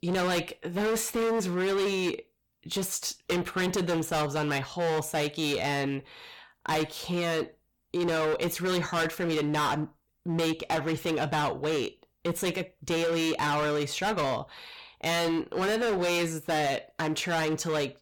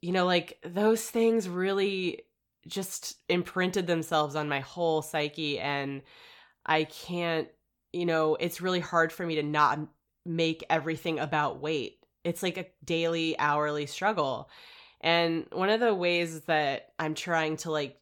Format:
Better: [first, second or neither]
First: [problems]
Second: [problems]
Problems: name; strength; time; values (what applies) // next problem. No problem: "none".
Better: second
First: distortion; heavy; 22% of the sound clipped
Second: none